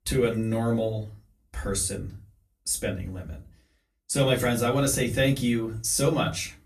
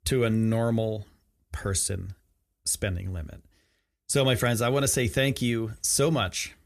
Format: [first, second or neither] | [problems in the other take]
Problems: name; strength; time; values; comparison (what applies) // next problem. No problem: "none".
second | off-mic speech; far // room echo; very slight; dies away in 0.2 s